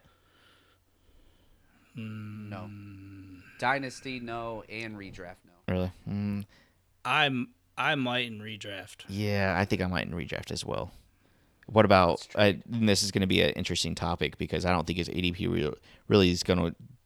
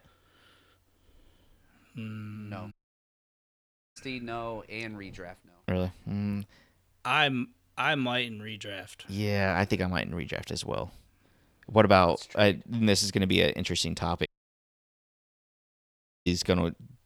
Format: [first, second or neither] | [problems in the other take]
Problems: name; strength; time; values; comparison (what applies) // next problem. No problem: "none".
first | audio cutting out; at 2.5 s for 1 s and at 14 s for 2 s